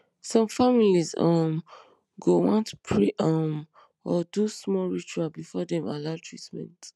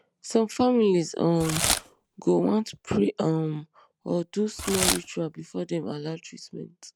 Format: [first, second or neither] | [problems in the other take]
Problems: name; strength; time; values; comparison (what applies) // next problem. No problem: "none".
first | background sound (Packing tape, duct tape / Tearing); 6 dB below the speech